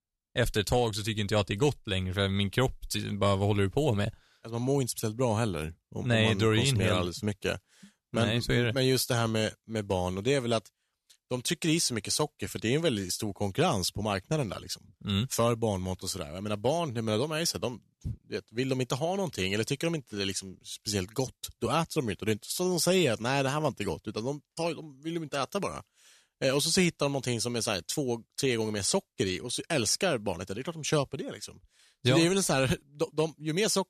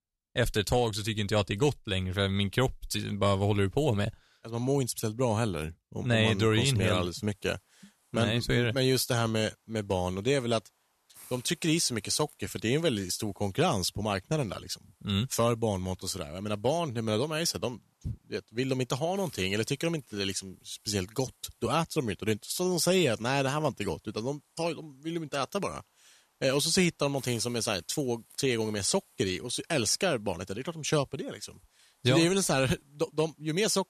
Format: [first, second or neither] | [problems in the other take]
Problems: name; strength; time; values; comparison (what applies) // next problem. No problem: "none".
first | hiss; faint; from 6.5 s on; 30 dB below the speech